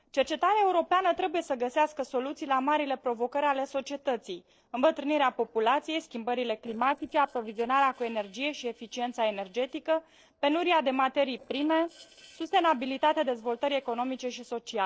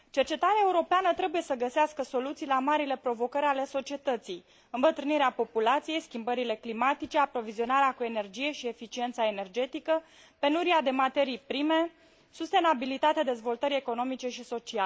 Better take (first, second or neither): second